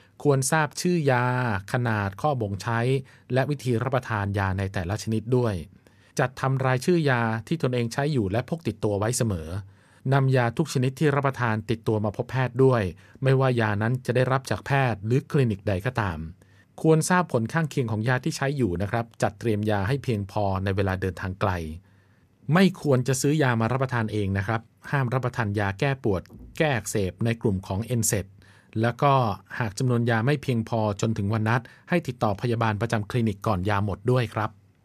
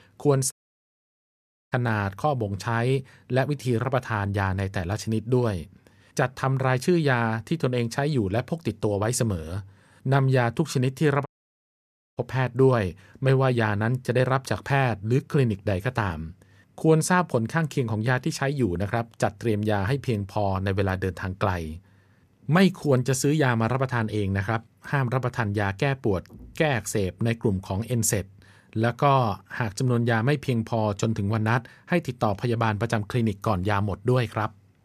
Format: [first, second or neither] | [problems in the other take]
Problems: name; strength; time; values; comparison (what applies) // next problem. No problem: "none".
first | audio cutting out; at 0.5 s for 1 s and at 11 s for 1 s